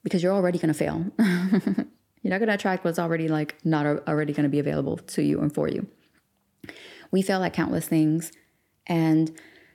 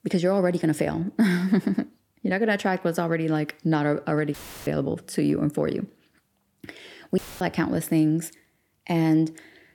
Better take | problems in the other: first | audio cutting out; filled with static; at 4.5 s and at 7 s

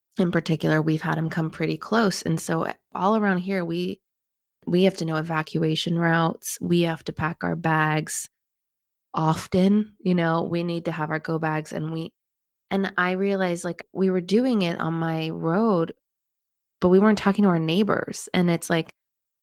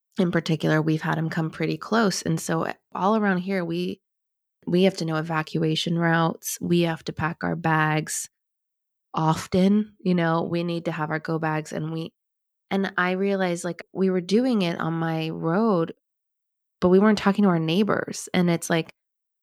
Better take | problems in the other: second | garbled, watery; slightly

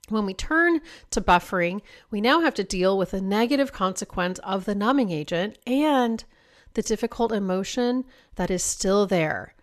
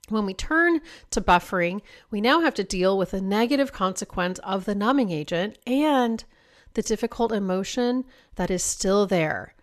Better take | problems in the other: neither | none

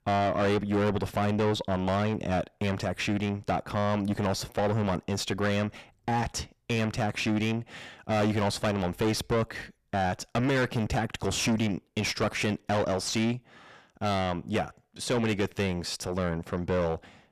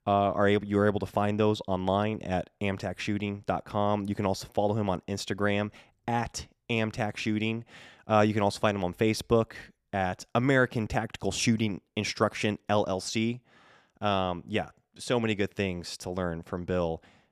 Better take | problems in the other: second | distortion; heavy; 5 dB below the speech

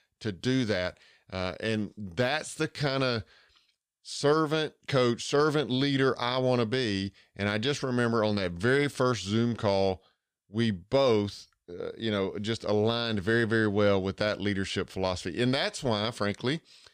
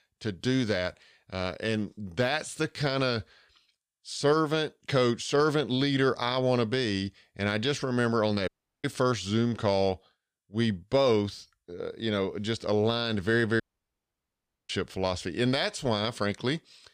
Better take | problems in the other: first | audio cutting out; at 8.5 s and at 14 s for 1 s

